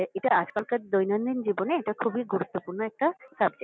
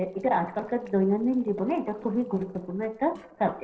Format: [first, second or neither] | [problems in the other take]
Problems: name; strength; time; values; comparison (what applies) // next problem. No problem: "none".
first | noise reduction (neural separator model SepFormer DNS4)